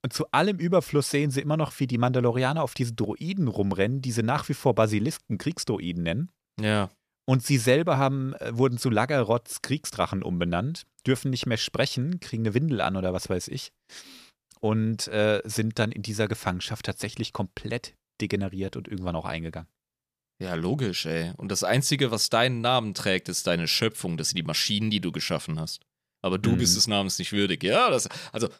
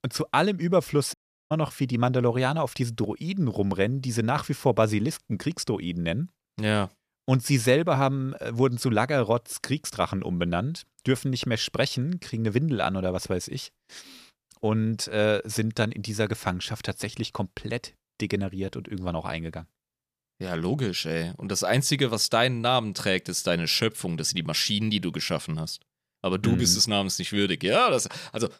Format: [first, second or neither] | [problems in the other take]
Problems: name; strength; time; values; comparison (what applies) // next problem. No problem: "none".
first | audio cutting out; at 1 s